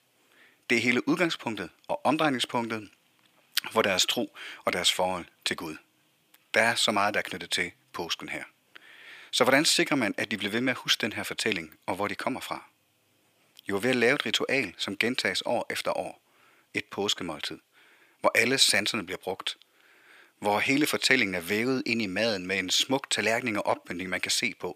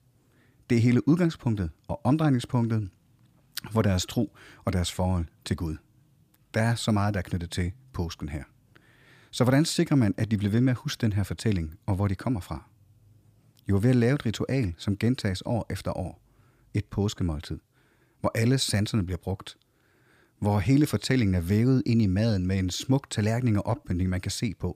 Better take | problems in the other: second | thin; somewhat; fading below 450 Hz

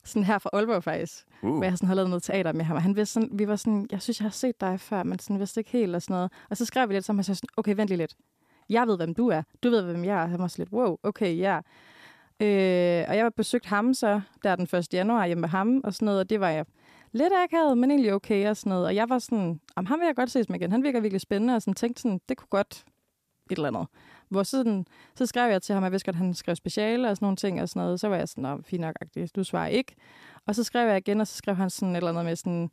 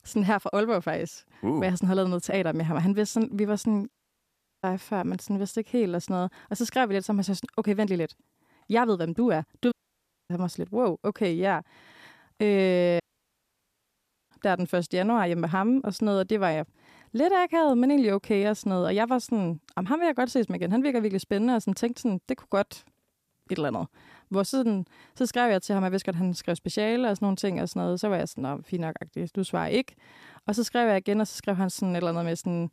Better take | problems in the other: first | audio cutting out; at 4 s for 0.5 s, at 9.5 s for 0.5 s and at 13 s for 1.5 s

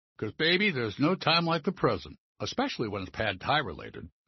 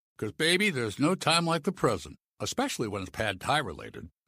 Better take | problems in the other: second | garbled, watery; slightly; nothing above 6 kHz

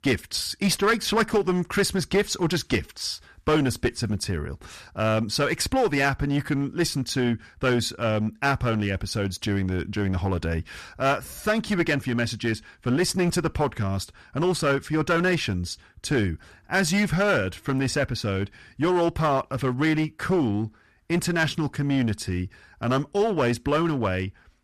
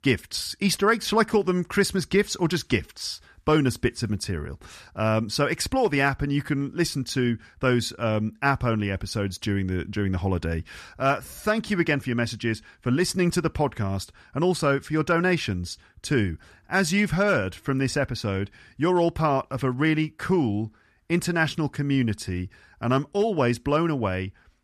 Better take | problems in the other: second | distortion; slight; 7% of the sound clipped

